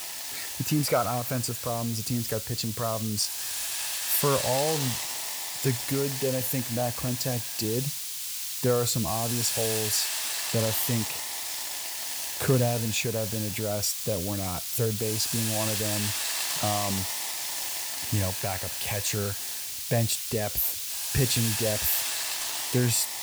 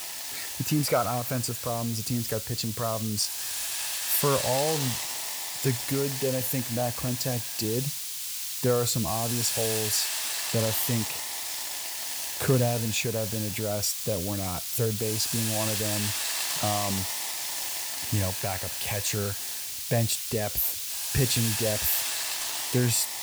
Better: neither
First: hiss; loud; throughout; 1 dB below the speech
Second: hiss; loud; throughout; 1 dB below the speech

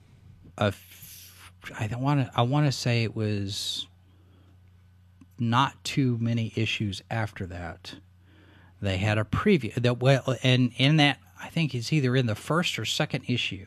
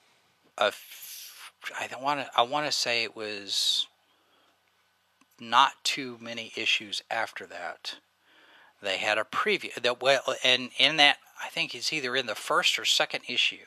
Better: first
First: none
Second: thin; very; fading below 700 Hz

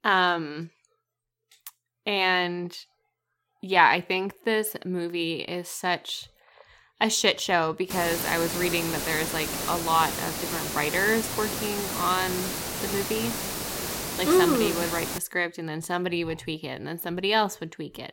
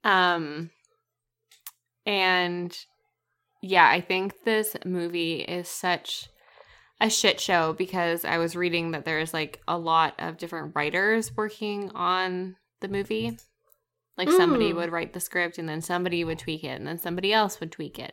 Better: second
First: hiss; loud; from 8 to 15 s; 4 dB below the speech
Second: none

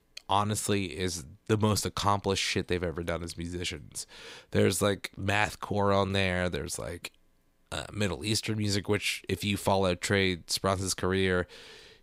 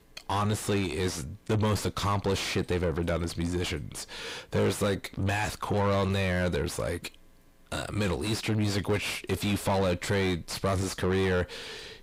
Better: first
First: none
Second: distortion; heavy; 5 dB below the speech

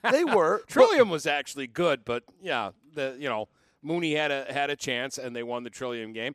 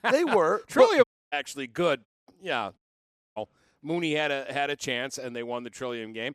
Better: first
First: none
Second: audio cutting out; at 1 s, at 2 s and at 3 s for 0.5 s

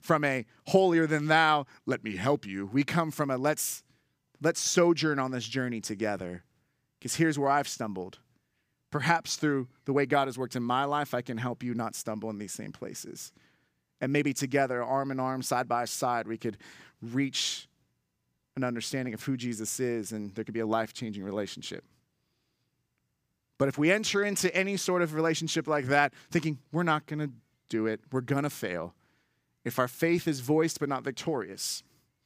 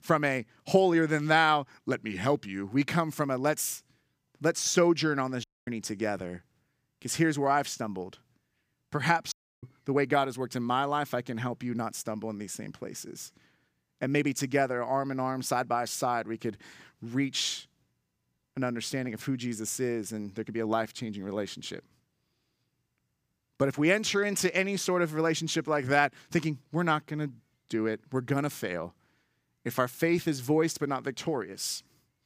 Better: first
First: none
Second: audio cutting out; at 5.5 s and at 9.5 s

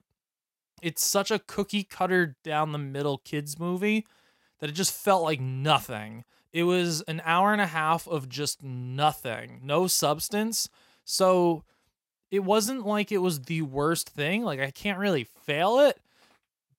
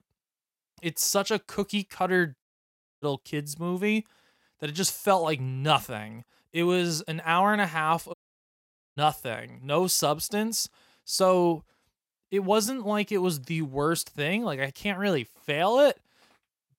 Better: first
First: none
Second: audio cutting out; at 2.5 s for 0.5 s and at 8 s for 1 s

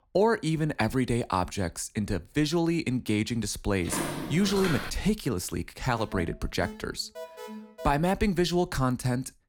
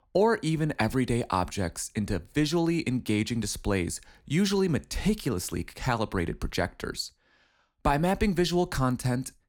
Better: second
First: footsteps; noticeable; from 4 to 5 s; peak 3 dB below the speech // alarm; faint; from 6 to 8 s; peak 15 dB below the speech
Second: none

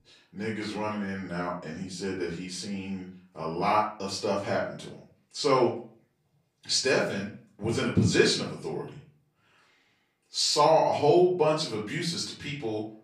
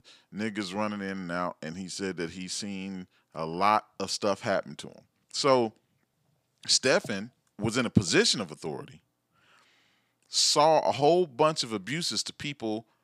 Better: second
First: off-mic speech; far // room echo; slight; dies away in 0.4 s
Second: none

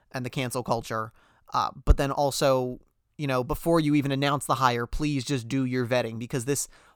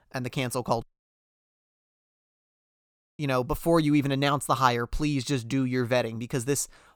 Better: first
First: none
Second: audio cutting out; at 1 s for 2.5 s

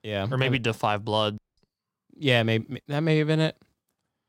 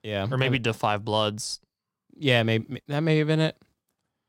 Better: second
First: audio cutting out; at 1.5 s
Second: none

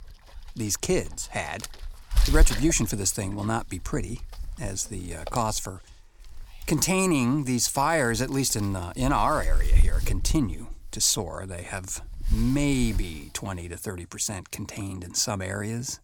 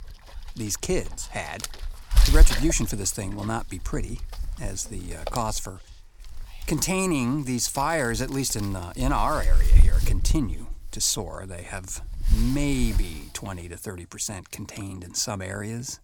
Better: first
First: wind noise on the microphone; occasional gusts; 15 dB below the speech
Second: wind noise on the microphone; heavy; 10 dB below the speech

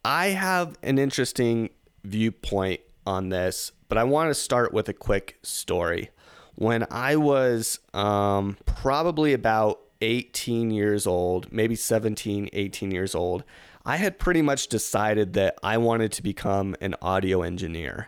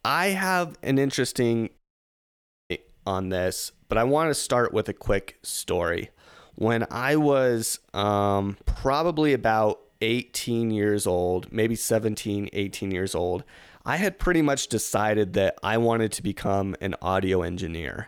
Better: first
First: none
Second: audio cutting out; at 2 s for 1 s

